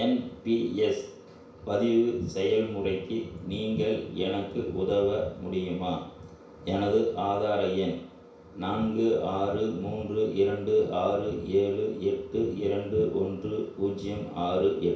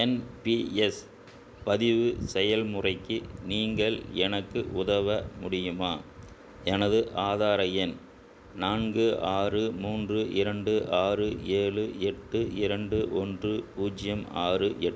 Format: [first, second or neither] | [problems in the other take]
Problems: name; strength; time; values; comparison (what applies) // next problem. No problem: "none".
second | room echo; dies away in 0.6 s